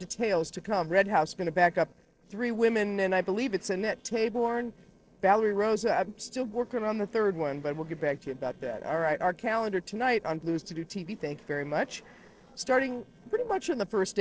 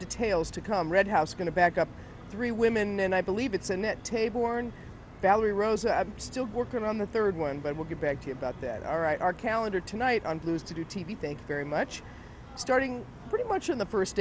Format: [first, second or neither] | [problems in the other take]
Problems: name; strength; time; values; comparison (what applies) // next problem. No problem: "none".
second | noise reduction (neural separator model SepFormer DNS4)